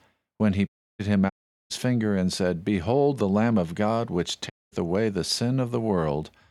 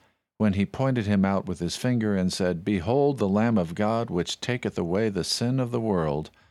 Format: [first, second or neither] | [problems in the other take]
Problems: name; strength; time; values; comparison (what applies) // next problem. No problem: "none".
second | audio cutting out; at 0.5 s, at 1.5 s and at 4.5 s